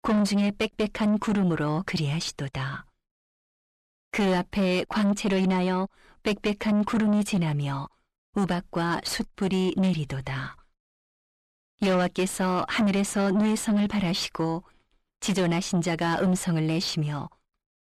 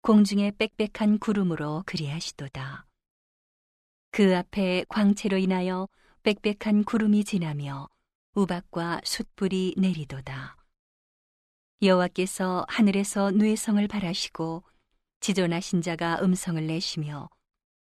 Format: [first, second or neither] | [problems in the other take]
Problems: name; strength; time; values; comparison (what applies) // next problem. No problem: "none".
second | distortion; heavy; 7 dB below the speech